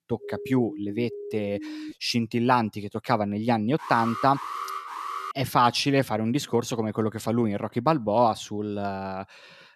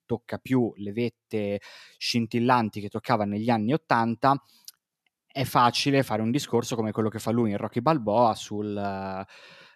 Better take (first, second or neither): second